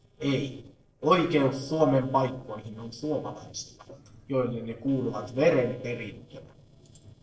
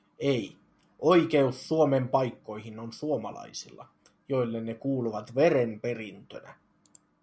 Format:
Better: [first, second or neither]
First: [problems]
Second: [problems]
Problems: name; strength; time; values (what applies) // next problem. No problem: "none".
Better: second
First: noise reduction (neural separator model SepFormer DNS4)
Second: none